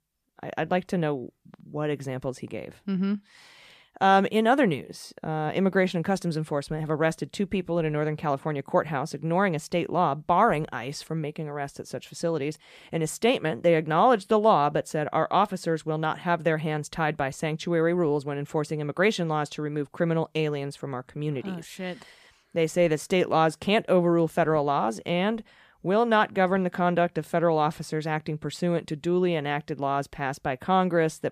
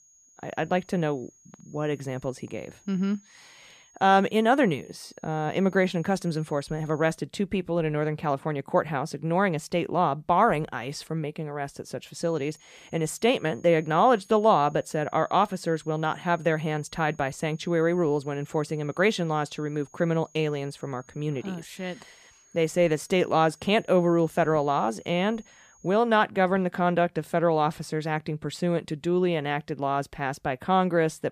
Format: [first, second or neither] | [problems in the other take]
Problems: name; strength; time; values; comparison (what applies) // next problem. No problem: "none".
first | high-pitched whine; faint; until 7 s and from 12 to 26 s; 6.5 kHz, 30 dB below the speech